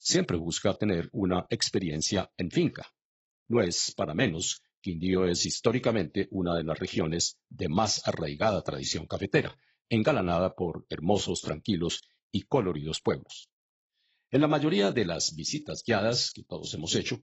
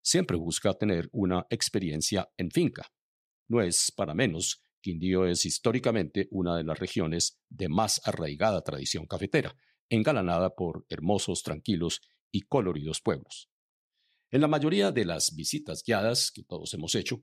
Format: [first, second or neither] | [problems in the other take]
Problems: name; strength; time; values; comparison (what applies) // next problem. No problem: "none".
second | garbled, watery; badly; nothing above 7.5 kHz